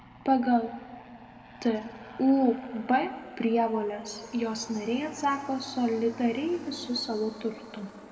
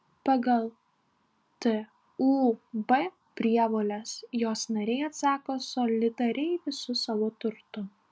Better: second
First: background sound (Aircraft); 18 dB below the speech // room echo; dies away in 1.6 s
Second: none

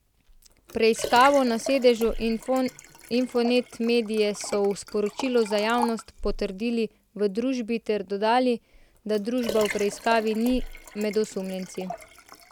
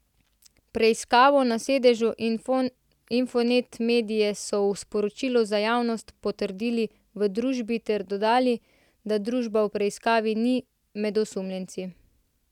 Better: second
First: background sound (Liquid); 13 dB below the speech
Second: none

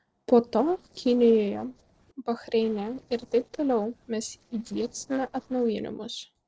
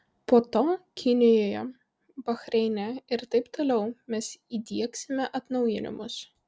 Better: second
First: noise reduction (neural separator model SepFormer DNS4)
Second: none

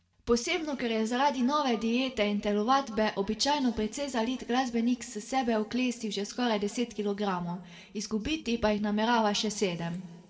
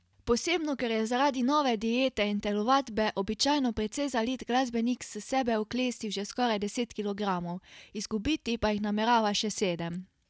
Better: second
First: room echo; dies away in 1.1 s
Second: none

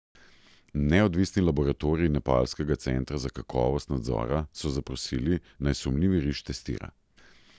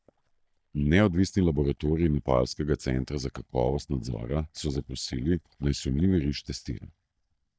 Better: first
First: none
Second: noise reduction (neural mask model DeepFilterNet 3)

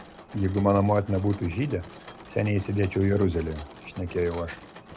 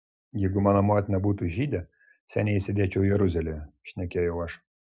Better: second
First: background sound (Mechanisms); 18 dB below the speech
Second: none

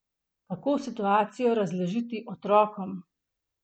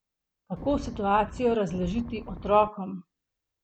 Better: first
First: none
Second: background sound (Wind); 11 dB below the speech

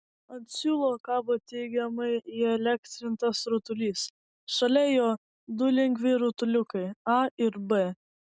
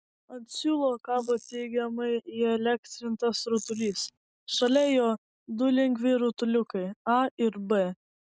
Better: first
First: none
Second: noise reduction (neural mask model Resemble Enhance denoiser)

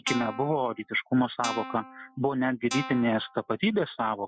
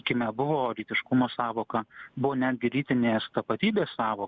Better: second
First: noise reduction (classical method Wiener filter)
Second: none

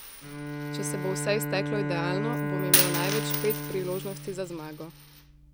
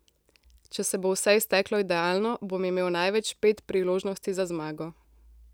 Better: second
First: background sound (Bowed string instrument + Coin (dropping)); 3 dB above the speech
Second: none

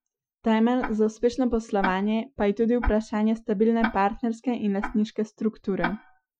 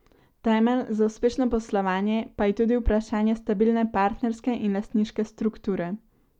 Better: second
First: noise reduction (classical method Wiener filter)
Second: none

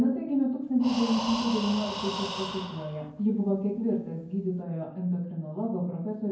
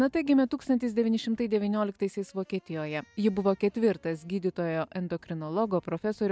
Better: second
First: background sound (Breathing); 9 dB below the speech // room echo; dies away in 0.9 s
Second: none

